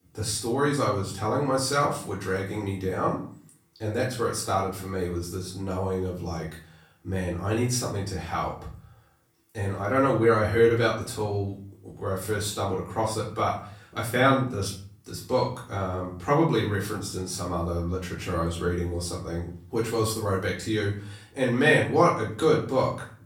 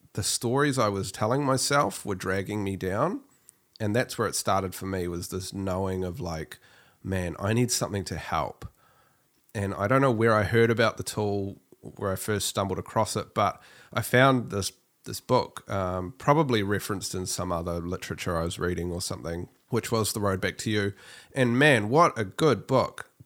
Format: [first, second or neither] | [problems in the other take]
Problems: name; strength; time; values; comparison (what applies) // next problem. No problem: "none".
second | off-mic speech; far // room echo; slight; dies away in 0.4 s